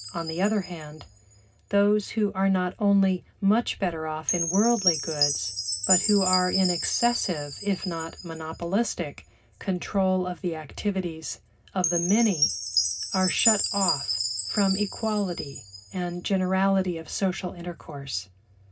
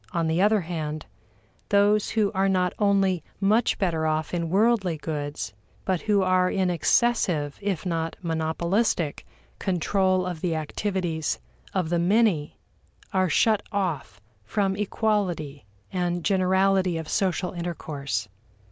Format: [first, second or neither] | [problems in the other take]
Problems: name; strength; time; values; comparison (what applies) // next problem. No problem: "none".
second | background sound (Chime); 5 dB below the speech // room echo; dies away in 0.4 s